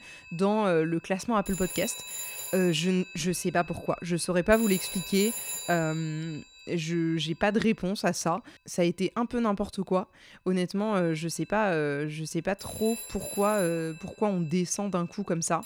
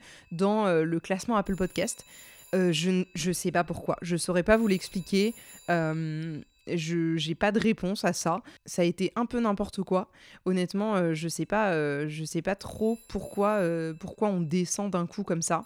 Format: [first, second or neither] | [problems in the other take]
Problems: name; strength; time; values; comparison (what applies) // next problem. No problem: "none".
second | alarms or sirens; loud; throughout; 9 dB below the speech; faint in the second